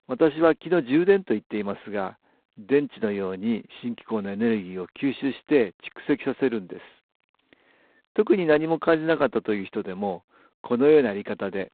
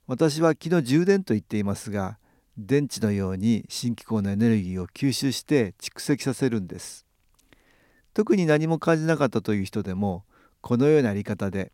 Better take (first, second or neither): second